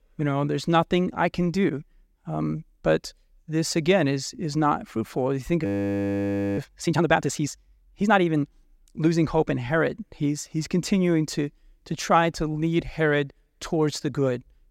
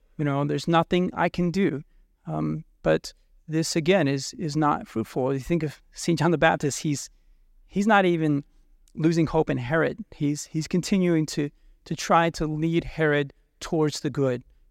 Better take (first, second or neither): second